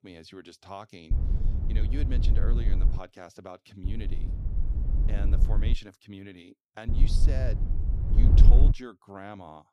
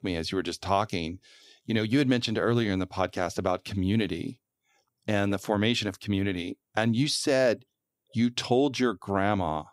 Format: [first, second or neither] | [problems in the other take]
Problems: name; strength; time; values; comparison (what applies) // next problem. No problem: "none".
second | wind noise on the microphone; heavy; from 1 to 3 s, from 4 to 5.5 s and from 7 to 8.5 s; 2 dB below the speech